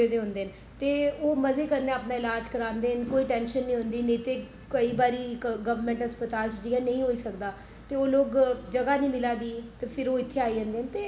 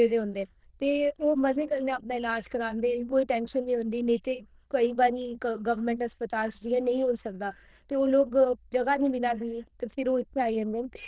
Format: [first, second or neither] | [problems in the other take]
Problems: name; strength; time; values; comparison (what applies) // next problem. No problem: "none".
first | noise reduction (neural diffusion model UNIVERSE++)